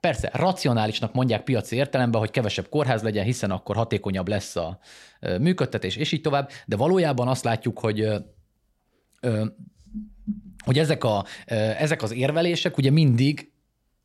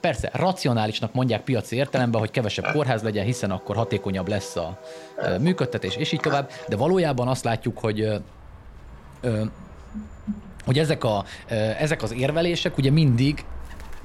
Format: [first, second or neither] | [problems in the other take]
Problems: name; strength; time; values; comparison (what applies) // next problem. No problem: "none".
first | animal sounds; noticeable; throughout; 15 dB below the speech